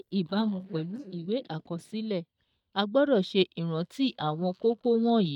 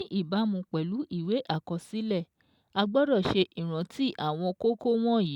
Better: second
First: noise reduction (neural mask model DeepFilterNet 3)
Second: none

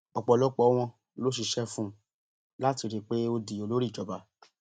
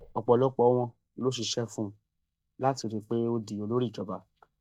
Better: first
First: none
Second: noise reduction (neural mask model DeepFilterNet 3)

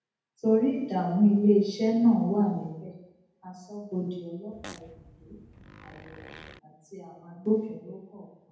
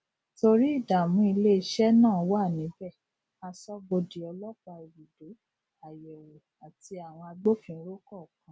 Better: second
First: background sound (Fart); 19 dB below the speech // room echo; dies away in 0.8 s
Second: none

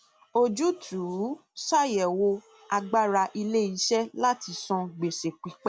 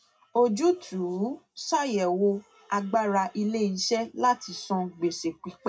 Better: first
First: none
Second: room echo; dies away in 0.2 s

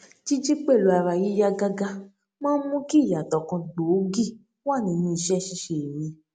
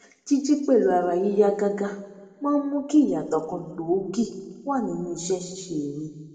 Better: first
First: none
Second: room echo; dies away in 1.3 s

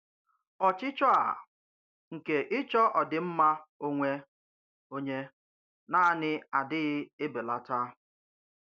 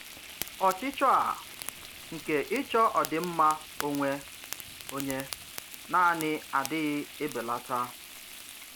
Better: first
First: none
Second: background sound (Fire + Frying (food)); 12 dB below the speech

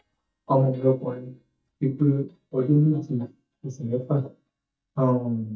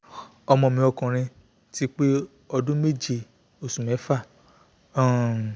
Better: second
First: noise reduction (neural mask model DeepFilterNet 3)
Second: none

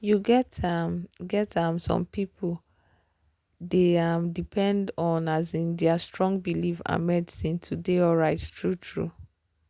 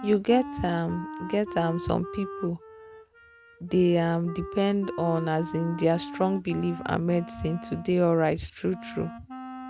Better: first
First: none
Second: background sound (Wind instrument, woodwind instrument); 13 dB below the speech

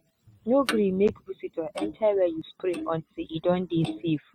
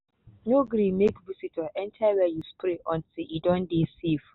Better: second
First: noise reduction (neural mask model RNNoise)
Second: none

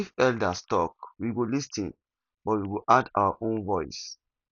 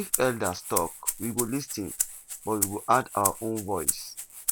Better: first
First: none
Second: background sound (Rattle (instrument)); 3 dB below the speech

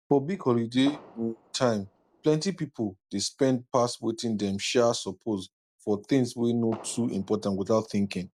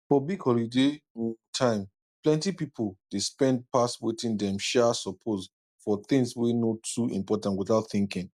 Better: second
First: background sound (Fireworks); 20 dB below the speech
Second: none

